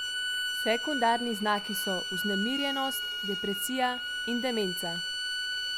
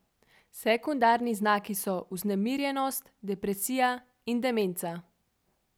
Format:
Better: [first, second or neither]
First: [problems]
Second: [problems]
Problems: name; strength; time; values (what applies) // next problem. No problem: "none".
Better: second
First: background sound (Bowed string instrument); 1 dB below the speech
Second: none